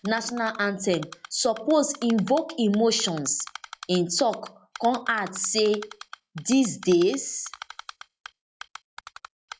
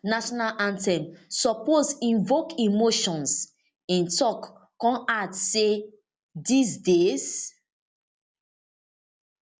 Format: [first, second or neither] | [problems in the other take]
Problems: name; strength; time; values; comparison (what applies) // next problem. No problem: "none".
second | noise reduction (classical method log-MMSE)